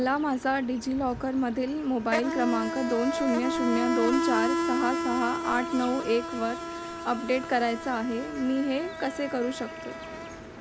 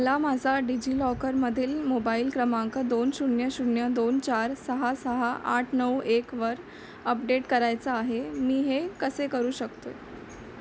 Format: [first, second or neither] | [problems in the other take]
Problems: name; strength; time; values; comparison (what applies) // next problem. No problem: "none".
second | background sound (Insect); 4 dB below the speech